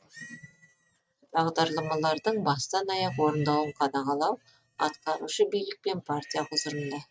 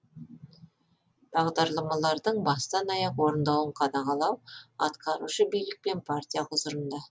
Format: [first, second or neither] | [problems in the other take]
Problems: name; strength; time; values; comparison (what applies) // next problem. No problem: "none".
second | noise reduction (neural mask model RNNoise)